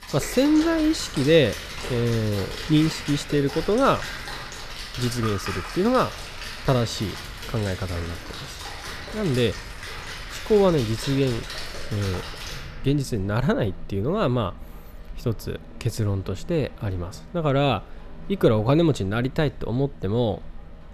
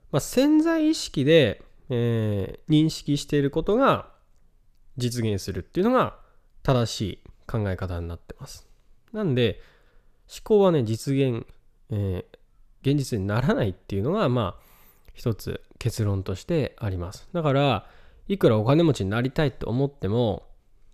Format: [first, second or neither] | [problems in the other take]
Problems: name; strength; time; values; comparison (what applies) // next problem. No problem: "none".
second | rain or running water; noticeable; throughout; 10 dB below the speech